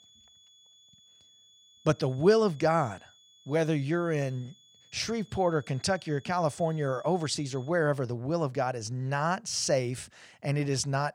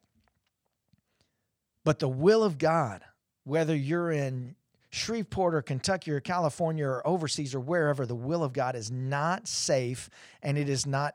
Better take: second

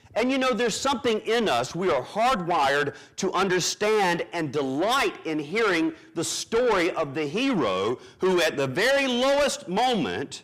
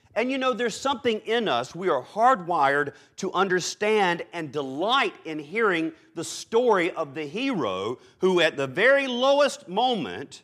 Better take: second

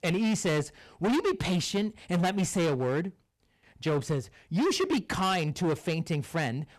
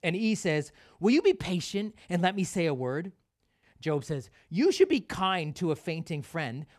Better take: second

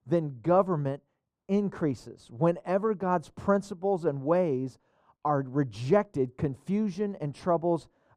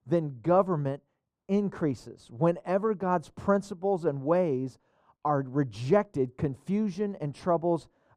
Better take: neither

